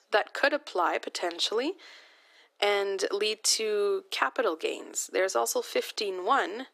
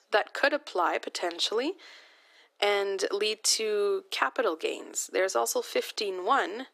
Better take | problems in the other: neither | thin; very; fading below 350 Hz; the same in both

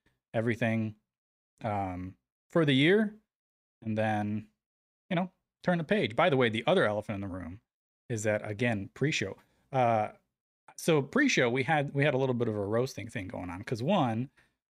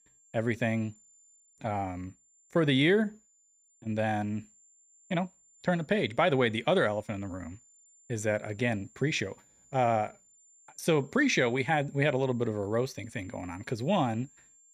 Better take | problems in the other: first | high-pitched whine; faint; throughout; 7 kHz, 30 dB below the speech

